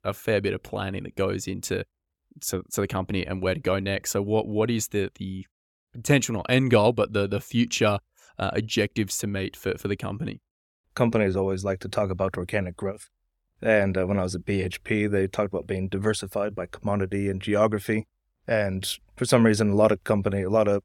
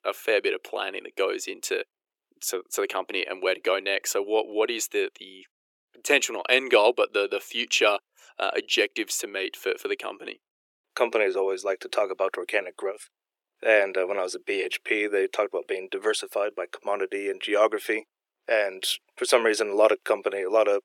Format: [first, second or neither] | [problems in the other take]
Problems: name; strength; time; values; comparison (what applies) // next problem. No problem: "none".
first | thin; very; fading below 350 Hz